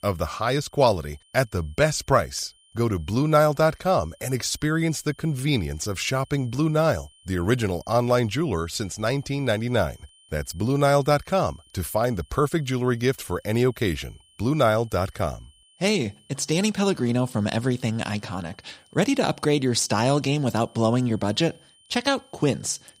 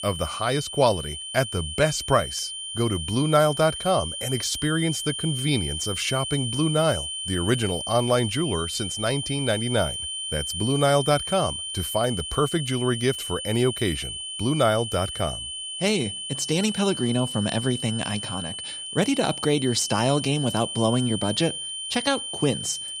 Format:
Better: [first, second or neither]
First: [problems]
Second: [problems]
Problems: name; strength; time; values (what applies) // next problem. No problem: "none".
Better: first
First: high-pitched whine; faint; throughout; 3 kHz, 30 dB below the speech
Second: high-pitched whine; loud; throughout; 3 kHz, 5 dB below the speech